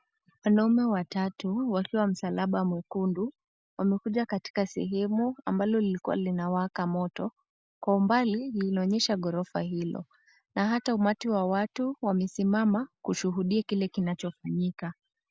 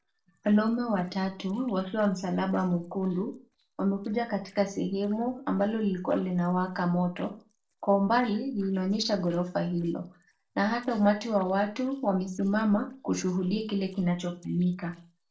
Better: first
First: none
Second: noise reduction (neural separator model SepFormer DNS4)

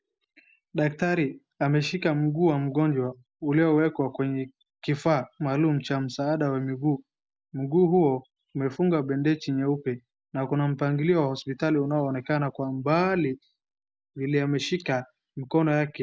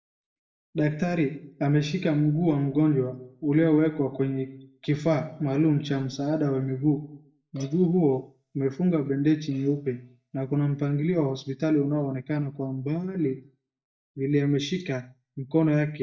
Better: first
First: none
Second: noise reduction (neural mask model DeepFilterNet 3)

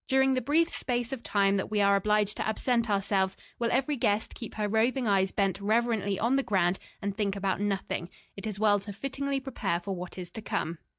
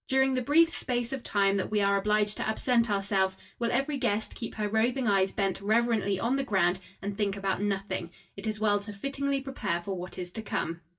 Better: first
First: none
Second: room echo; dies away in 0.1 s

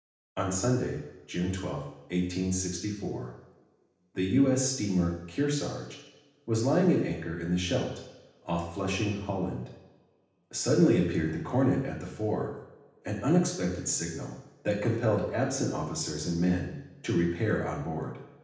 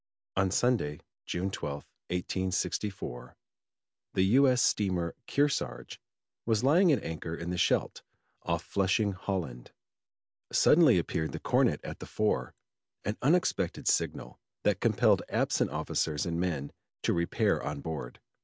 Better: second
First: room echo; dies away in 0.9 s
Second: none

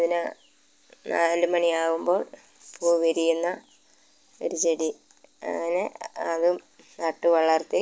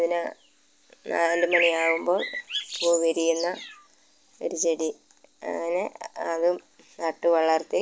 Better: first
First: none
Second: background sound (Bird); 4 dB below the speech

